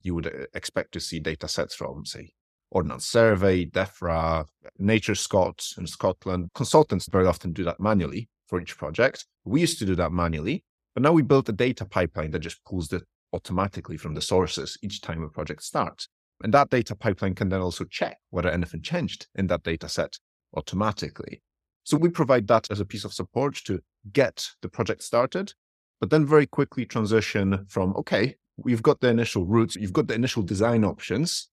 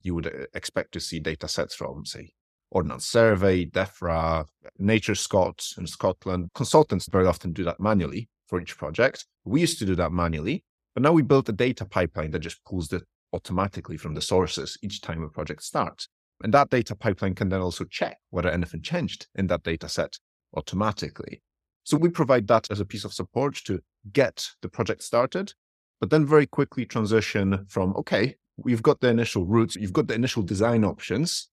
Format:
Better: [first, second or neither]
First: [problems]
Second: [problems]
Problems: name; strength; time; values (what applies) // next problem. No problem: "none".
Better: neither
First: none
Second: none